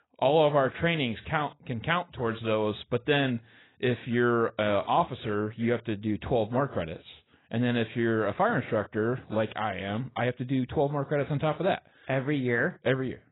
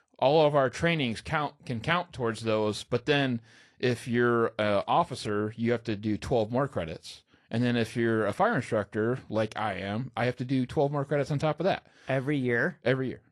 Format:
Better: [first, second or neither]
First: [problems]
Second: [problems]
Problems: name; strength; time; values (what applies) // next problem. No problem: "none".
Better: second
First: garbled, watery; badly; nothing above 4 kHz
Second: garbled, watery; slightly; nothing above 11 kHz